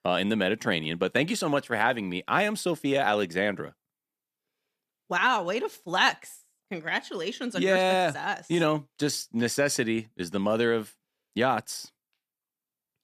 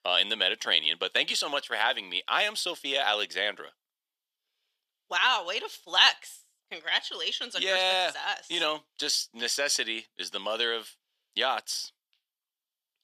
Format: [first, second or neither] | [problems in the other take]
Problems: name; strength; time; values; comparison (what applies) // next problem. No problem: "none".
first | thin; very; fading below 600 Hz